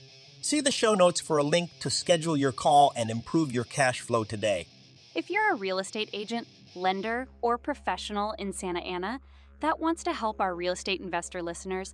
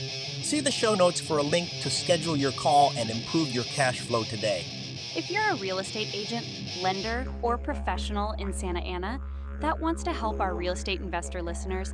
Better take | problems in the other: first | background music; loud; throughout; 6 dB below the speech; faint in the first

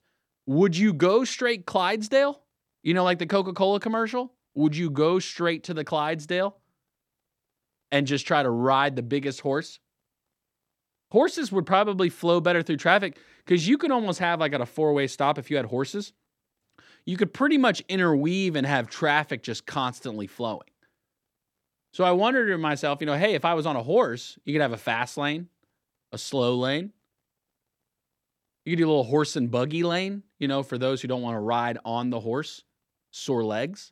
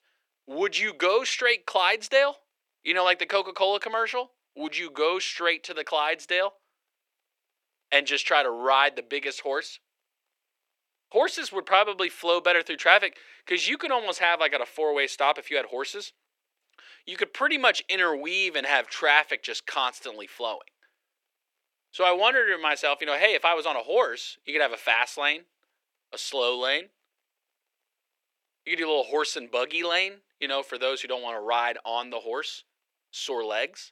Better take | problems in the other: first | thin; very; fading below 450 Hz

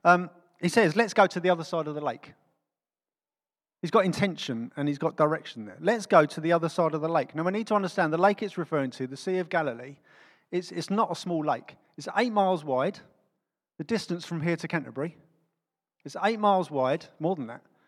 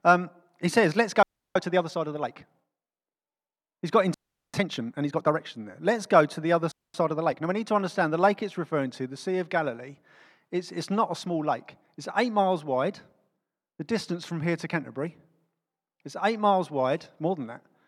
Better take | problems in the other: first | audio freezing; at 1 s, at 4 s and at 6.5 s

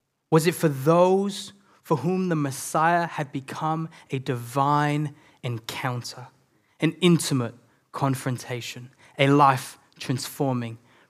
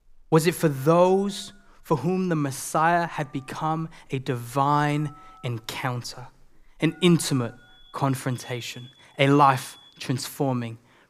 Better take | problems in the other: first | alarms or sirens; faint; throughout; 25 dB below the speech

